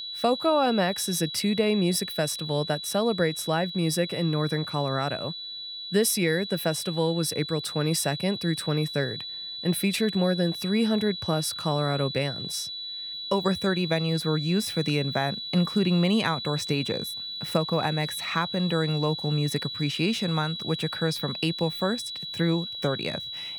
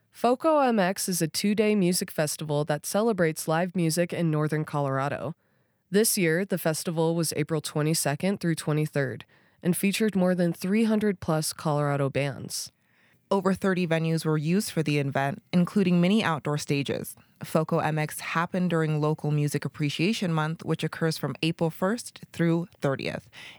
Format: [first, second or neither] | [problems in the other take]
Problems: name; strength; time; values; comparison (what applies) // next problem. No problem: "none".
second | high-pitched whine; loud; throughout; 4 kHz, 6 dB below the speech